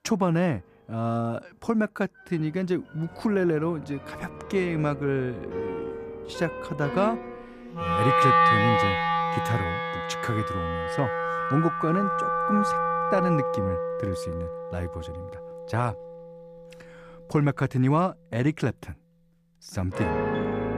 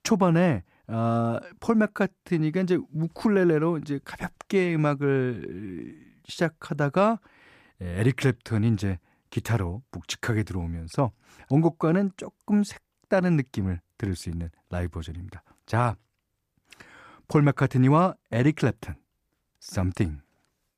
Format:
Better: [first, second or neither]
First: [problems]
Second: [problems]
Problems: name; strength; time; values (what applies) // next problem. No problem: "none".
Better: second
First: background music; very loud; throughout; 1 dB above the speech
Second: none